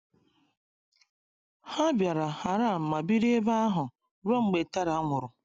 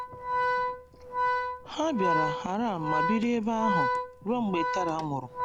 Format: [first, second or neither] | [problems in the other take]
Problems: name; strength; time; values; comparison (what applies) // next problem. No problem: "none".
first | background sound (Organ); 1 dB above the speech